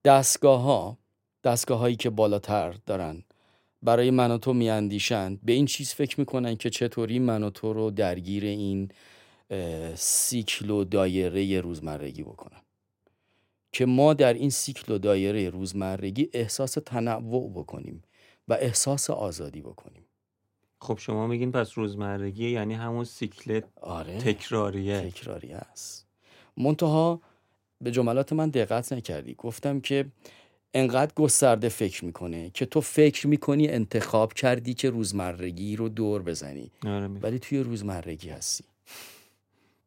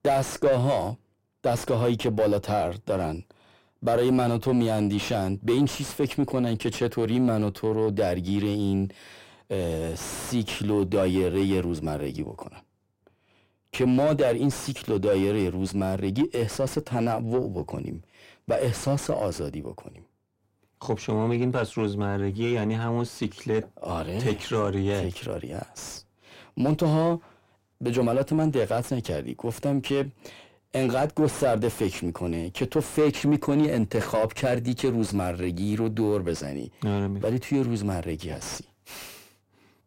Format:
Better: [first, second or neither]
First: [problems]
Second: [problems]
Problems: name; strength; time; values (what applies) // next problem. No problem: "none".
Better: first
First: none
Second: distortion; heavy; 6 dB below the speech